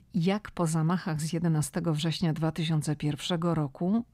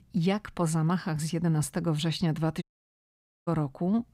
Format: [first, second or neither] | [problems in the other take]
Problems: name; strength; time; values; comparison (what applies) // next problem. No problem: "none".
first | audio cutting out; at 2.5 s for 1 s